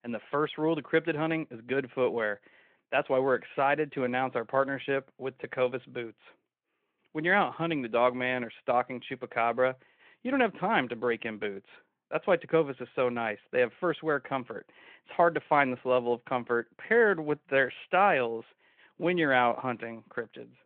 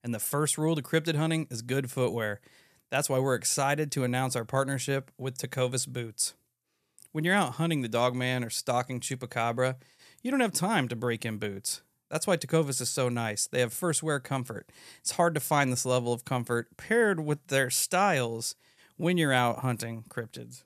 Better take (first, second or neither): second